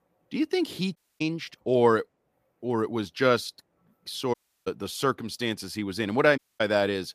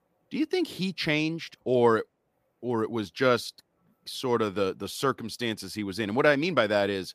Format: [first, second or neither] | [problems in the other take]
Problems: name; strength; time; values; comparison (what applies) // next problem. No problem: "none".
second | audio cutting out; at 1 s, at 4.5 s and at 6.5 s